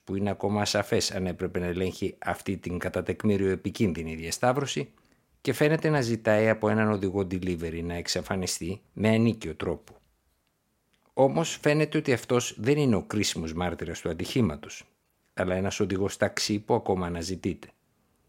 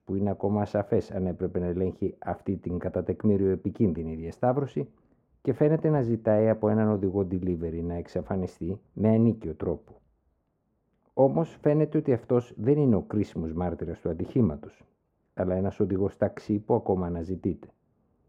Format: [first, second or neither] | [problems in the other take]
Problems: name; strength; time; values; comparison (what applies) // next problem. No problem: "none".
first | muffled; very; fading above 1.5 kHz